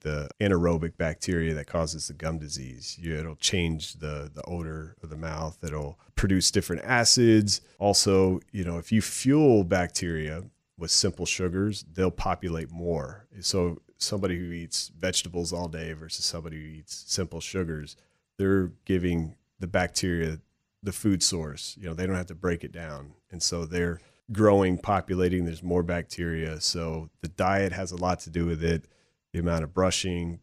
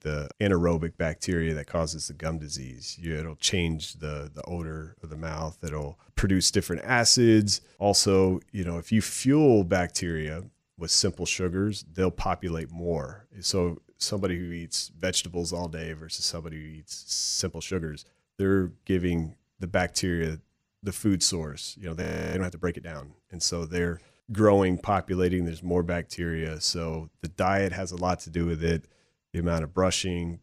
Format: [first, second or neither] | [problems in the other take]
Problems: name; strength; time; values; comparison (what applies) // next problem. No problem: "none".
first | audio freezing; at 17 s and at 22 s